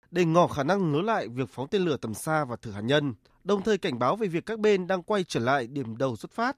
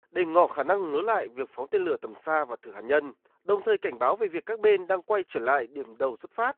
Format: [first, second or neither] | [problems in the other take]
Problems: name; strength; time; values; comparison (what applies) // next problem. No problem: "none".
first | phone-call audio